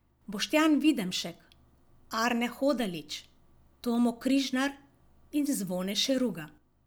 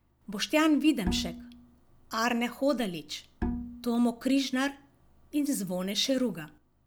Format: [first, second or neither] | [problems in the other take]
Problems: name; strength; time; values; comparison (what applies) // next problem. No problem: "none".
first | background sound (Bowed string instrument); 7 dB below the speech